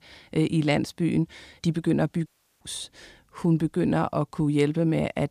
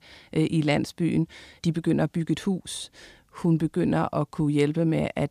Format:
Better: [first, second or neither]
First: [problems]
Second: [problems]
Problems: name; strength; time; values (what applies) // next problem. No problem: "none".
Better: second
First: audio cutting out; at 2.5 s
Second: none